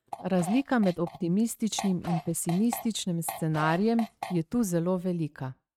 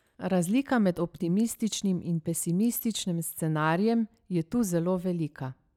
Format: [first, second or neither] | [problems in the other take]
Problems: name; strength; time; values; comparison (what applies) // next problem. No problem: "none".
second | noise reduction (neural mask model RNNoise)